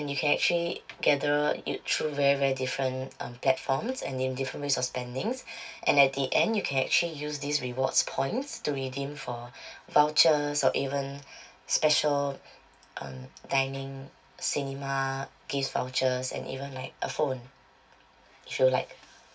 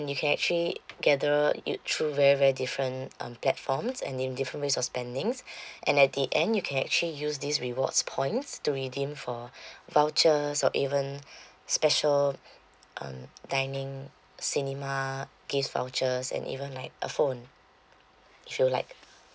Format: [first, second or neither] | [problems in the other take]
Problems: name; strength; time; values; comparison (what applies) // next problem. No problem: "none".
second | room echo; dies away in 0.2 s